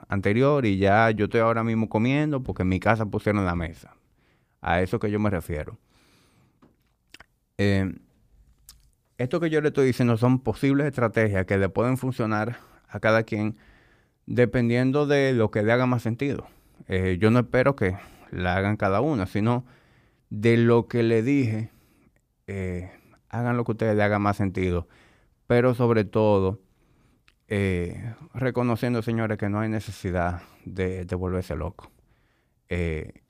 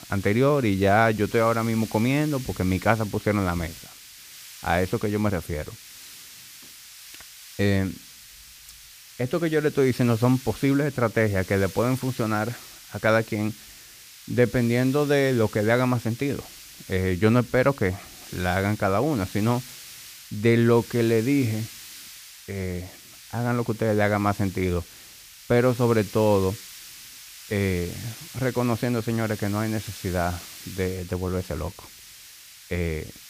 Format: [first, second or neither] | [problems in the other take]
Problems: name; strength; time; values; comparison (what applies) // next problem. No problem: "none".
first | hiss; noticeable; throughout; 15 dB below the speech